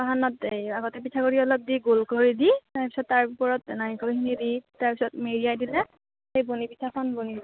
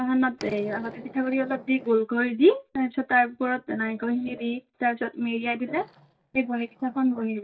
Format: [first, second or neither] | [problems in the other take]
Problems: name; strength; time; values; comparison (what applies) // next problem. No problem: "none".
first | noise reduction (neural mask model DeepFilterNet 3)